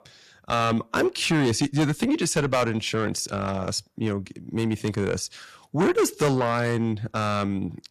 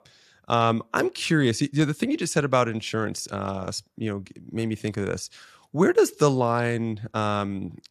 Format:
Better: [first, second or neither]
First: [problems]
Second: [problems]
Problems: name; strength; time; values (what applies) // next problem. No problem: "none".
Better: second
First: distortion; heavy; 7 dB below the speech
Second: none